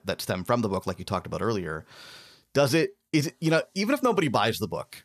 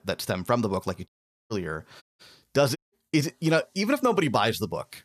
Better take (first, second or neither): first